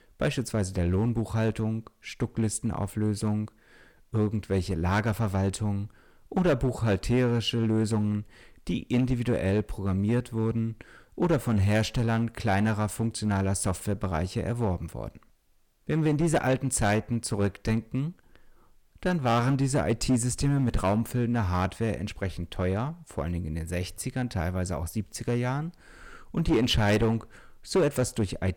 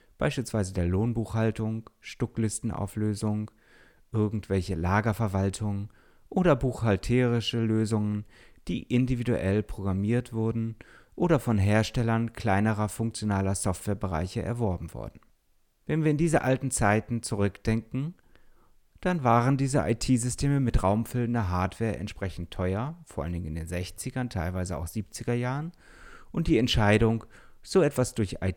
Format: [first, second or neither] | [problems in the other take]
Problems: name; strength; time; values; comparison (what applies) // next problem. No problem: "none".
second | distortion; slight; 4% of the sound clipped